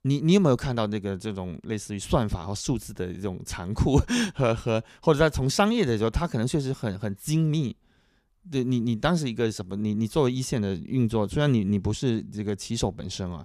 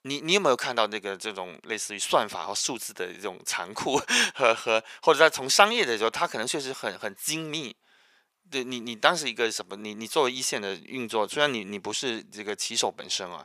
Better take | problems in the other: first | thin; very; fading below 650 Hz

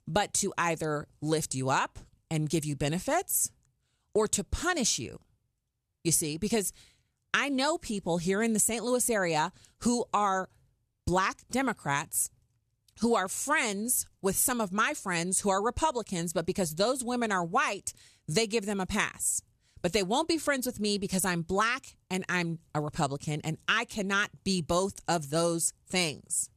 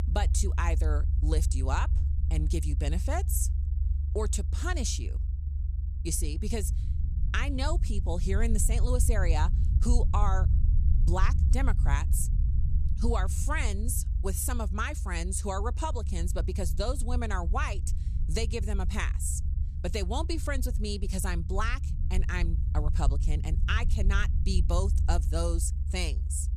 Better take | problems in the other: first | low rumble; noticeable; throughout; 15 dB below the speech

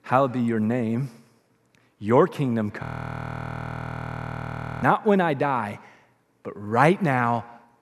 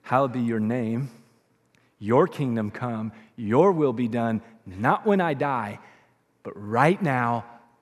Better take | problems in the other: second | audio freezing; at 3 s for 2 s

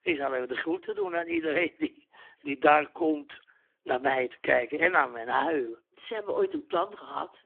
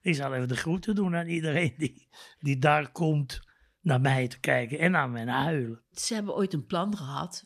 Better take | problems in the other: second | phone-call audio; poor line

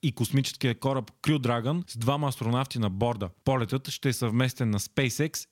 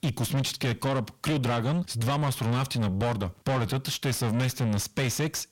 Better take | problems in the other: first | distortion; heavy; 6 dB below the speech

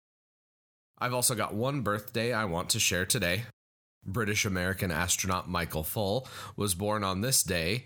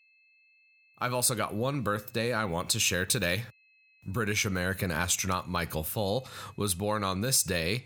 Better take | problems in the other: first | high-pitched whine; faint; throughout; 2.5 kHz, 35 dB below the speech

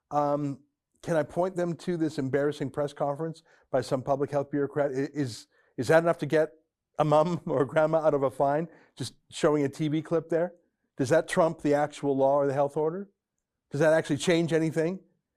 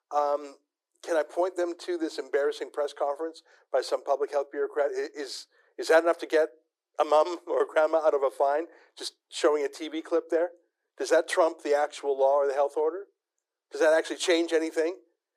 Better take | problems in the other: first | thin; very; fading below 350 Hz

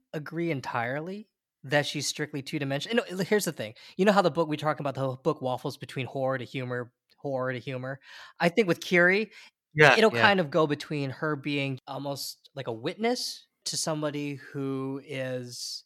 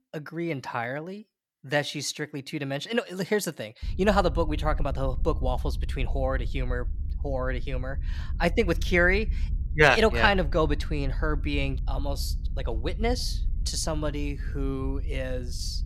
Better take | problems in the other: first | low rumble; faint; from 4 s on; 25 dB below the speech

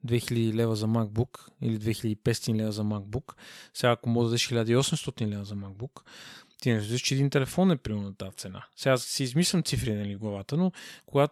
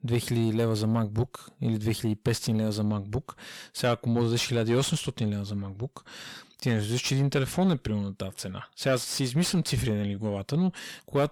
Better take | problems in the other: first | distortion; slight; 10 dB below the speech

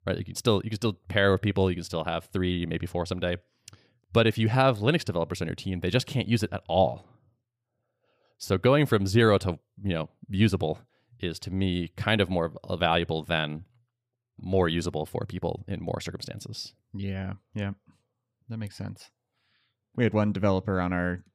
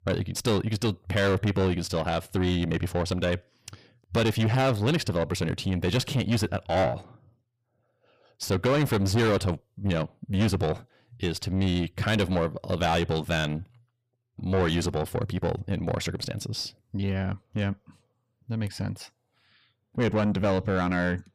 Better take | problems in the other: first | distortion; heavy; 6 dB below the speech

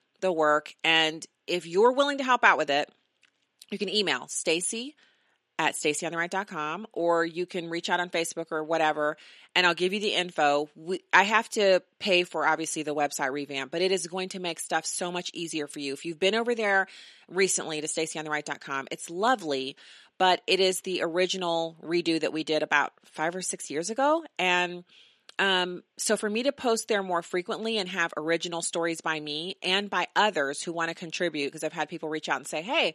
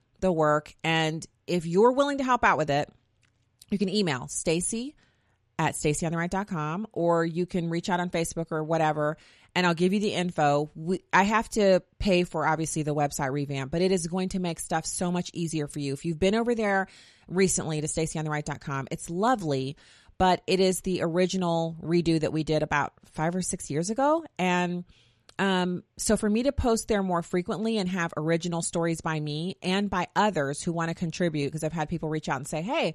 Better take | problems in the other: second | thin; somewhat; fading below 250 Hz

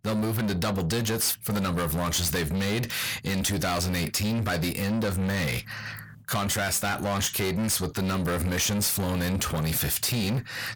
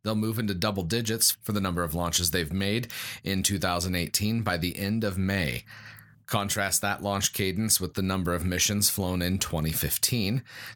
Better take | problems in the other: second | distortion; heavy; 5 dB below the speech

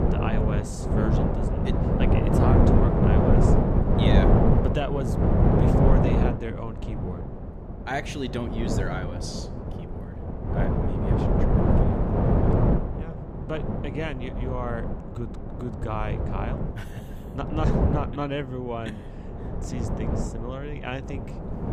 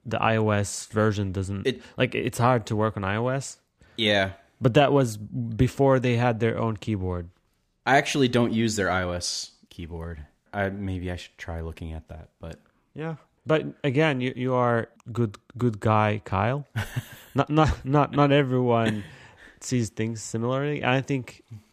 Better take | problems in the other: second | wind noise on the microphone; heavy; 4 dB above the speech

